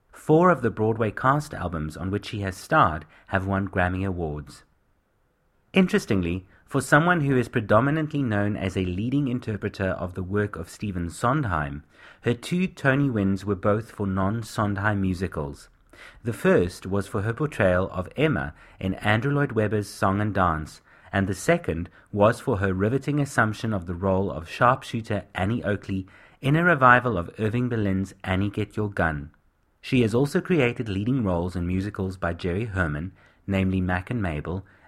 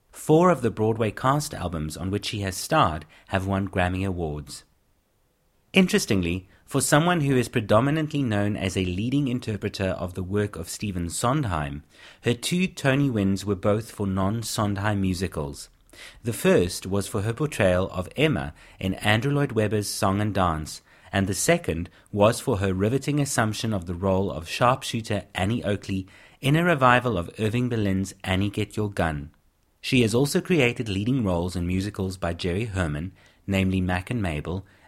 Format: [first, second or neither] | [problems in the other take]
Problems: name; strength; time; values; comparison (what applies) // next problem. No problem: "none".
second | muffled; slightly; fading above 2.5 kHz